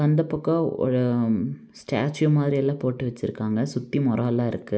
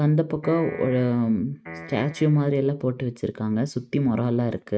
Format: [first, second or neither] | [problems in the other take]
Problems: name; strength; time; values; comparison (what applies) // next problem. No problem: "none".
first | noise reduction (neural mask model RNNoise)